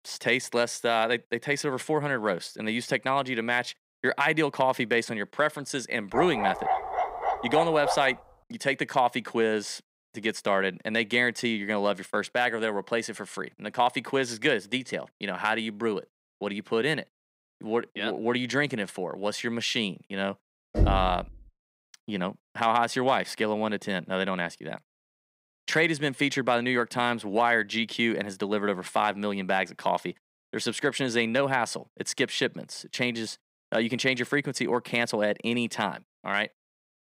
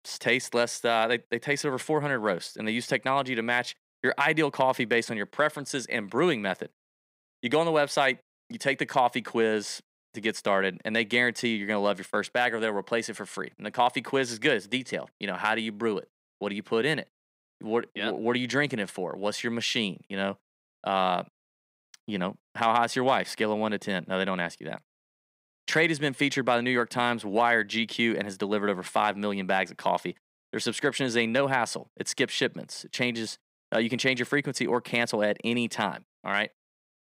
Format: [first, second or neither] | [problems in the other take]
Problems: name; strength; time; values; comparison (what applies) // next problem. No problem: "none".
second | dog barking; loud; from 6 to 8 s; peak level with the speech // door banging; loud; at 21 s; peak 1 dB above the speech